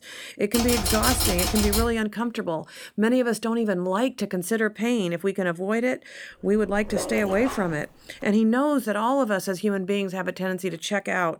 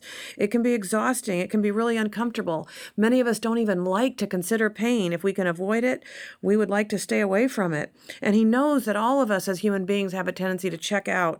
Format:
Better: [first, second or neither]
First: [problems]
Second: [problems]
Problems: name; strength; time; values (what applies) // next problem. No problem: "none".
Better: second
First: keyboard typing; loud; from 0.5 to 2 s; peak 3 dB above the speech // dog barking; noticeable; from 6.5 to 7.5 s; peak 7 dB below the speech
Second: none